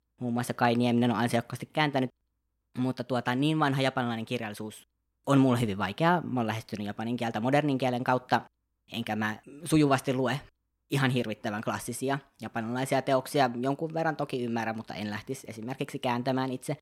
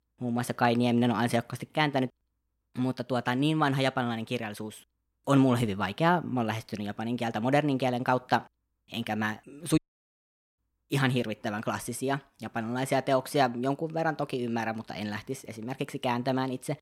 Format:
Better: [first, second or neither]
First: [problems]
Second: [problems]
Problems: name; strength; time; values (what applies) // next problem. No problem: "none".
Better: first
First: none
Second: audio cutting out; at 10 s for 1 s